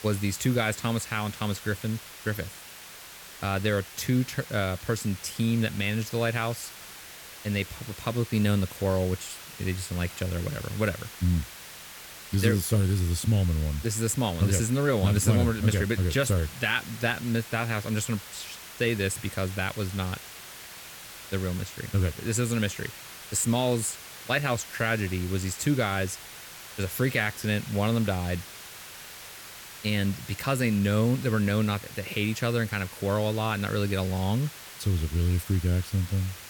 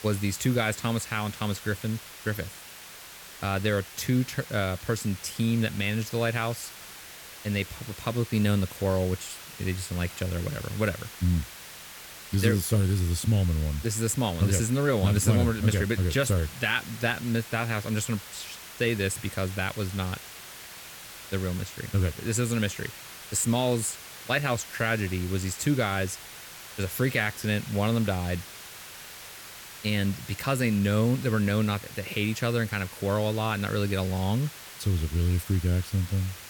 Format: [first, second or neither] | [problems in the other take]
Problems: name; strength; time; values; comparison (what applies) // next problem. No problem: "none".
neither | hiss; noticeable; throughout; 15 dB below the speech; the same in both